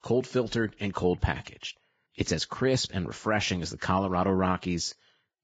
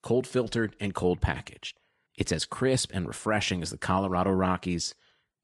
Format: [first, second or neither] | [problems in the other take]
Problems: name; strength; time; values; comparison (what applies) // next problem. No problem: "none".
second | garbled, watery; badly; nothing above 7.5 kHz; slightly in the second